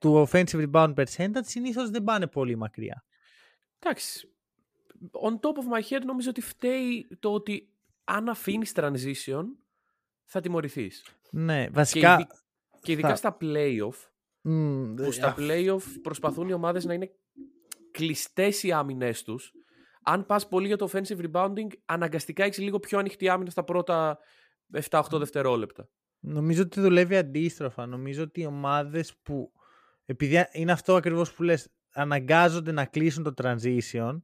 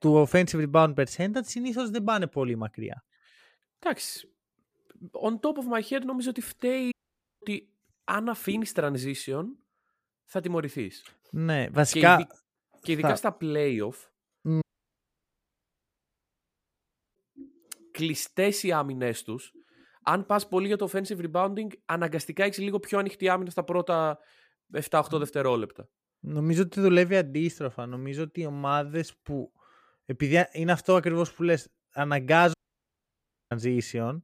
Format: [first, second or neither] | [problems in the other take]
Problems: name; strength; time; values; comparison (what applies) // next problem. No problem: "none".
first | audio cutting out; at 7 s for 0.5 s, at 15 s for 2.5 s and at 33 s for 1 s